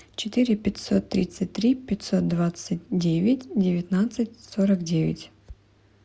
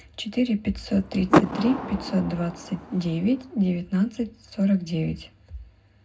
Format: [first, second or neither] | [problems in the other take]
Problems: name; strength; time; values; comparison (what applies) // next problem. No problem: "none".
first | background sound (Door / Car); 2 dB below the speech // room echo; dies away in 0.3 s